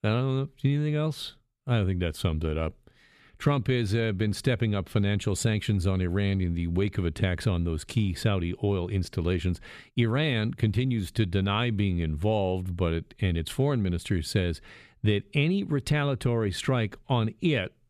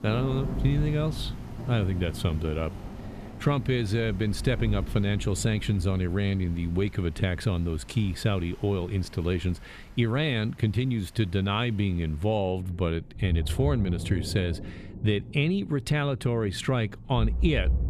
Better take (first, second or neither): first